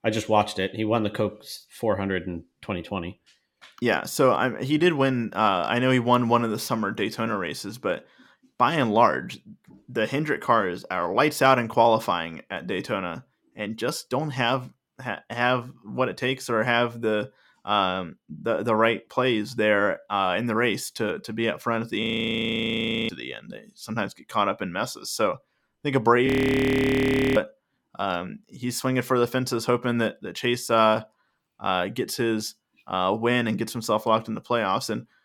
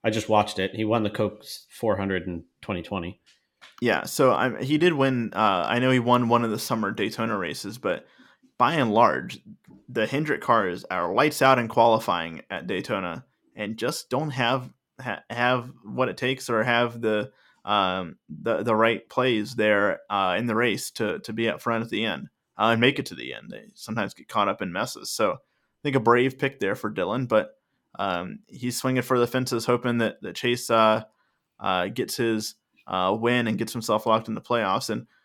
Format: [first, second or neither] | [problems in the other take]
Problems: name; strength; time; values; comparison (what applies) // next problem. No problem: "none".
second | audio freezing; at 22 s for 1 s and at 26 s for 1 s